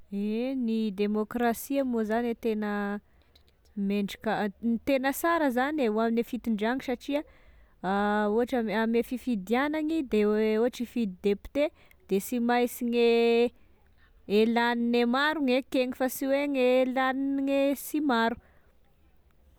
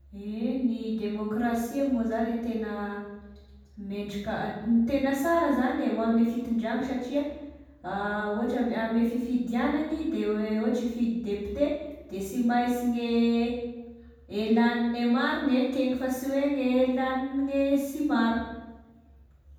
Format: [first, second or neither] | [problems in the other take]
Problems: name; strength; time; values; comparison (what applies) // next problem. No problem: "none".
first | room echo; dies away in 1.1 s